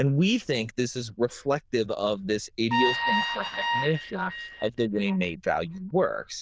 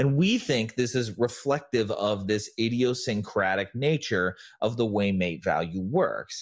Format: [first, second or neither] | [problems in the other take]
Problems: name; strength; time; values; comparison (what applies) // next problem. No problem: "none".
second | noise reduction (neural diffusion model UNIVERSE++)